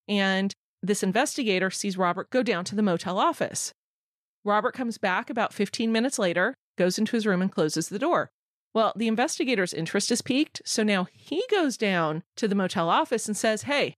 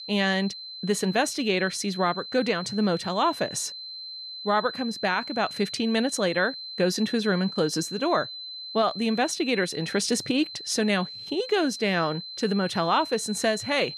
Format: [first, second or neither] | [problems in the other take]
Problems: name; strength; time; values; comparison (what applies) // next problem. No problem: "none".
first | high-pitched whine; loud; throughout; 4 kHz, 10 dB below the speech